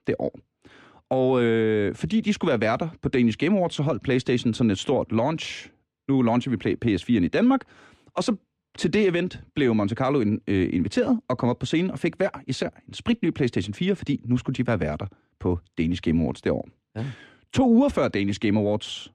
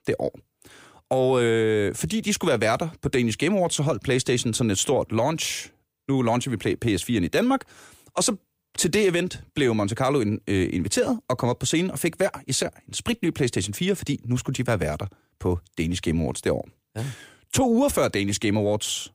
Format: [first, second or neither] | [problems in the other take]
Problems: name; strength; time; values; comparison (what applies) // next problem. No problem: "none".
second | muffled; slightly; fading above 3.5 kHz